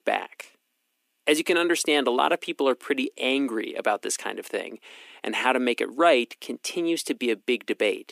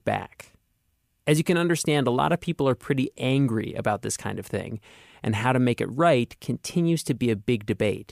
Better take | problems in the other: second | thin; somewhat; fading below 250 Hz

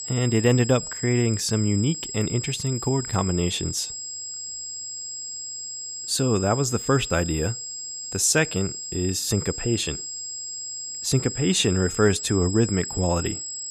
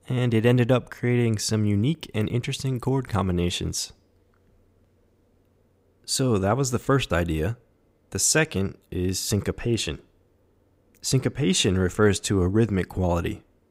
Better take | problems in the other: second | high-pitched whine; loud; throughout; 7.5 kHz, 7 dB below the speech

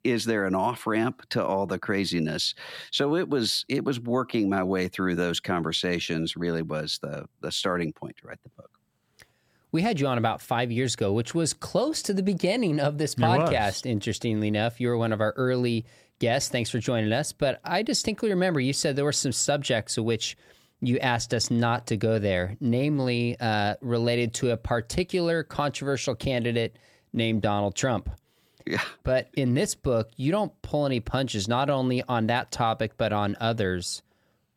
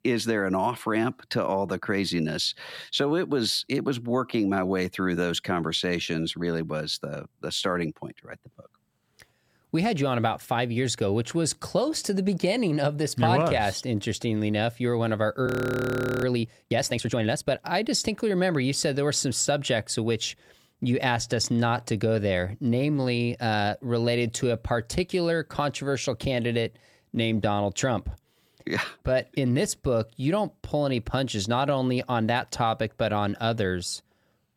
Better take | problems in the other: first | audio freezing; at 15 s for 0.5 s

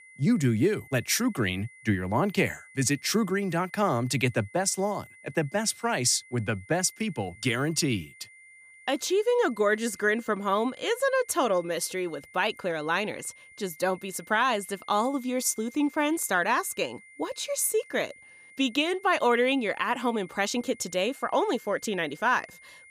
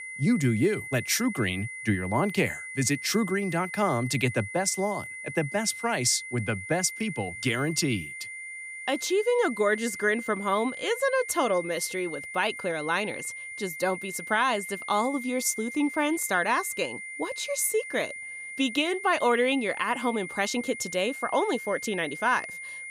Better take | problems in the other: first | high-pitched whine; loud; throughout; 2 kHz, 9 dB below the speech; faint in the first

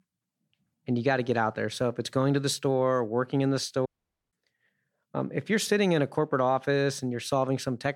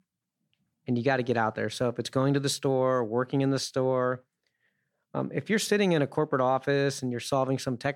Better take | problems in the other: second | audio cutting out; at 4 s

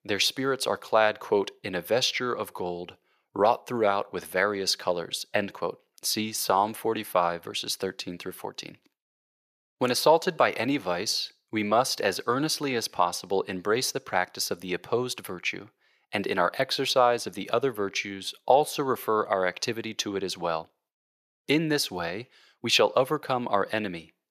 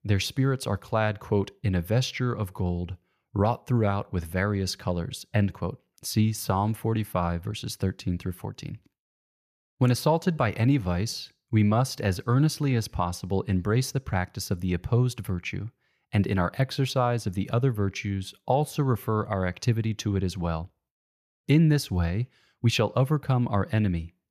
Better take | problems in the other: second | thin; very; fading below 450 Hz

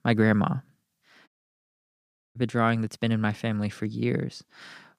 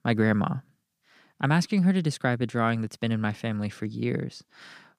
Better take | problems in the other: second | audio cutting out; at 1.5 s for 1 s

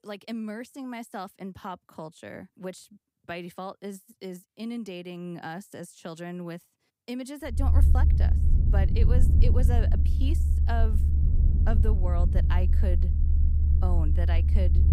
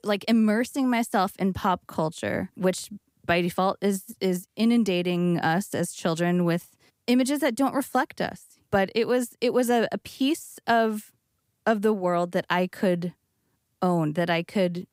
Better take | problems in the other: second | low rumble; loud; from 7.5 s on; 3 dB below the speech

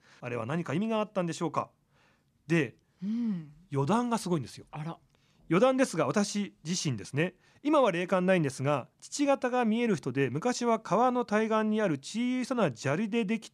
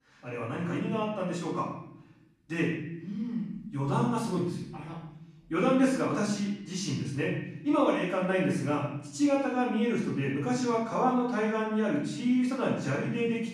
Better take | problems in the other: first | off-mic speech; far // room echo; noticeable; dies away in 0.8 s

